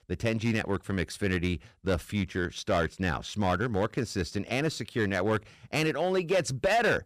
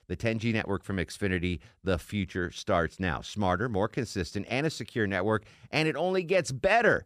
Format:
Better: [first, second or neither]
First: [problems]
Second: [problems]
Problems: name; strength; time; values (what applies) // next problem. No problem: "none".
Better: second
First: distortion; slight; 5% of the sound clipped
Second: none